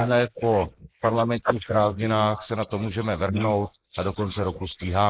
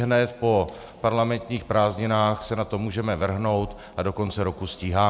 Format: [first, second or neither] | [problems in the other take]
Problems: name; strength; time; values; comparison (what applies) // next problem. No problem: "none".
second | noise reduction (neural mask model Resemble Enhance denoiser)